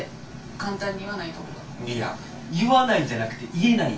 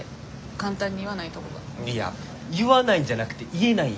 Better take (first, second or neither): second